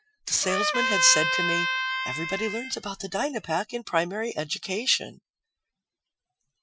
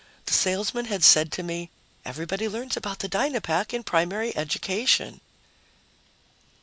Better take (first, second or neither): second